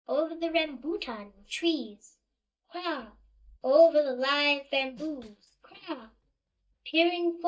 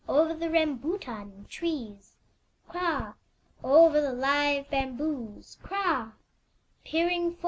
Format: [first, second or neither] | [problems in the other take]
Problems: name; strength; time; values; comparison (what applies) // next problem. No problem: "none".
second | noise reduction (neural mask model DeepFilterNet 3)